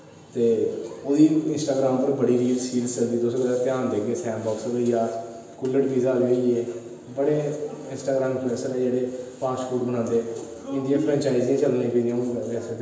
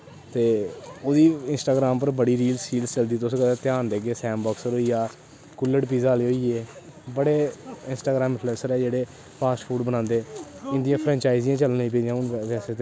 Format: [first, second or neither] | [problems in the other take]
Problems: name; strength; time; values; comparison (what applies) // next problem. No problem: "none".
second | room echo; dies away in 1 s